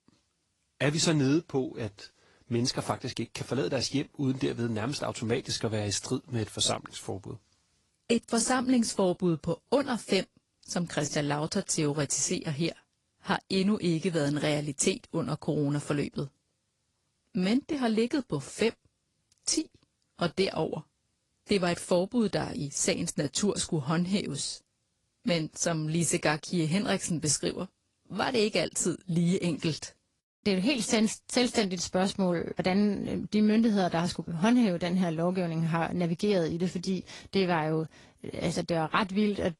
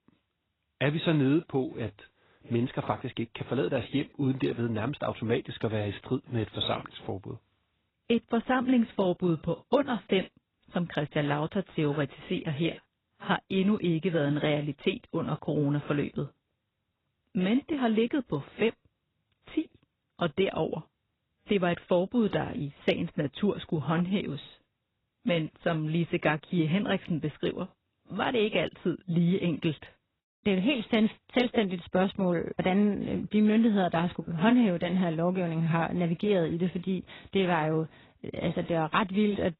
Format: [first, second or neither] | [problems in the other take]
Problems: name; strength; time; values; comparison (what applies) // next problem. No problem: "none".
first | garbled, watery; badly; nothing above 4 kHz; slightly in the first